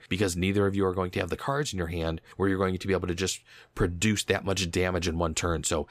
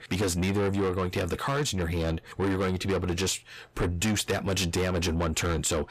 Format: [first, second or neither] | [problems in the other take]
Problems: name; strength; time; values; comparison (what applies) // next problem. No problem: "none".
first | distortion; heavy; 7 dB below the speech